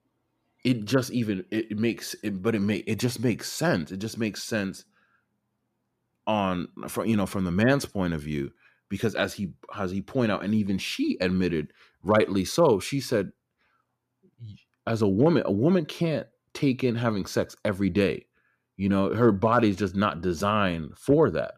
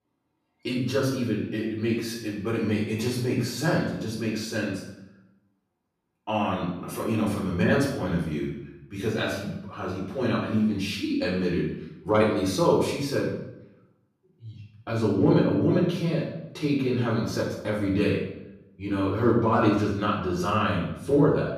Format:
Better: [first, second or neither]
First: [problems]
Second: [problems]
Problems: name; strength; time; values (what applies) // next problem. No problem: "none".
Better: first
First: none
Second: off-mic speech; far // room echo; noticeable; dies away in 0.7 s